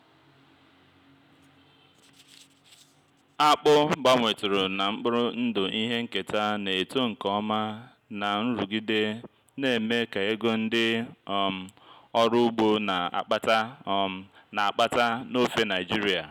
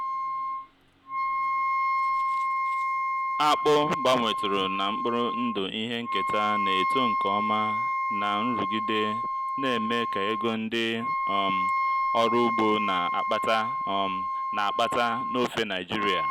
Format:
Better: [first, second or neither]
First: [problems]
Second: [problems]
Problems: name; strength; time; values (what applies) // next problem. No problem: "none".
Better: first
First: none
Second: background sound (Wind instrument, woodwind instrument); 1 dB above the speech